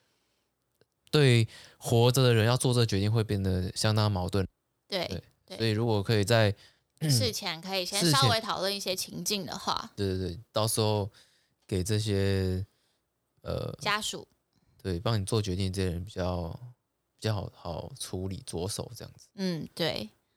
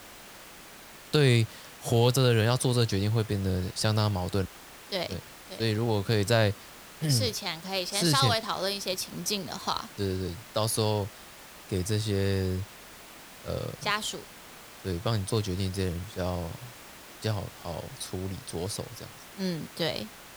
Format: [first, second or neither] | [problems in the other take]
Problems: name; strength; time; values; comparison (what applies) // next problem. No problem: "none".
first | hiss; noticeable; throughout; 15 dB below the speech